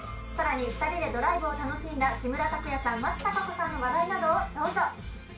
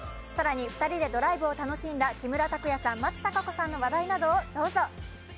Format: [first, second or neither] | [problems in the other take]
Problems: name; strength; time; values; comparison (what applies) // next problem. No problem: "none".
second | background sound (Door); 20 dB below the speech // room echo; dies away in 0.3 s